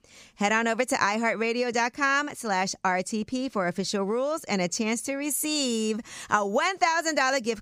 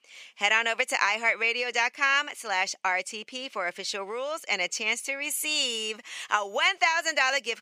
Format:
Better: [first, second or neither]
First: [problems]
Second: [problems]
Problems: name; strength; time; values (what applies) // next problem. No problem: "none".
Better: first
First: none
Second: thin; very; fading below 550 Hz